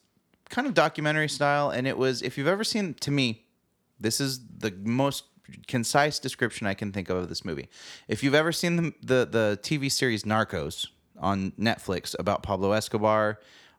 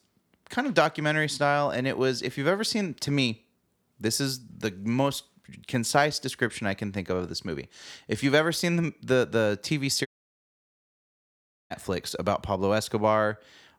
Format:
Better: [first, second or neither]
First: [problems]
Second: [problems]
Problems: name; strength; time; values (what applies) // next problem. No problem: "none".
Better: first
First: none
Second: audio cutting out; at 10 s for 1.5 s